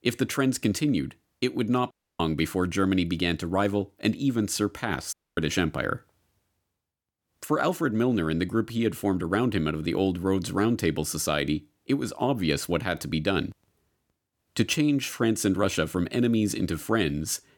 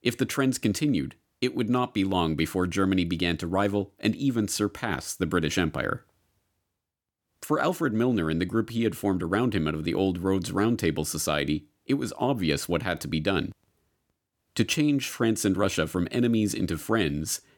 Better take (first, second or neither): second